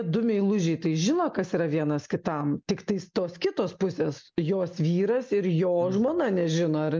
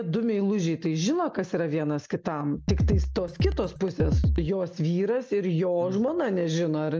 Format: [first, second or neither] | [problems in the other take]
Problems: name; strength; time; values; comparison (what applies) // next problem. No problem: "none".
first | background sound (Drum kit); 1 dB above the speech